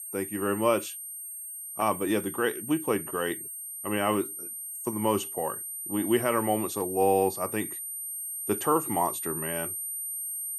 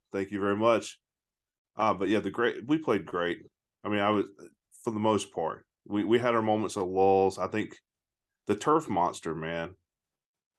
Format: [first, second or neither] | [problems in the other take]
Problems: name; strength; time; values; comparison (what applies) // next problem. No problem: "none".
second | high-pitched whine; loud; throughout; 8.5 kHz, 5 dB below the speech